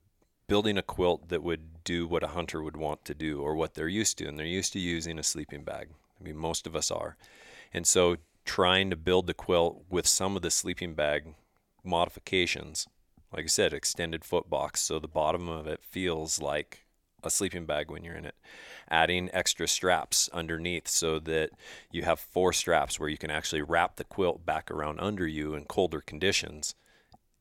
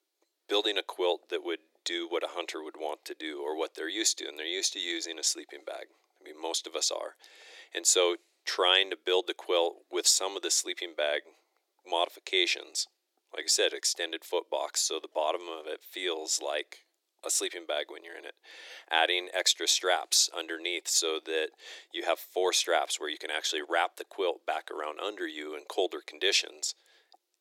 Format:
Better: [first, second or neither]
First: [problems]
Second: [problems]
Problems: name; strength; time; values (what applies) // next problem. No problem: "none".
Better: first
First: none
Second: thin; very; fading below 350 Hz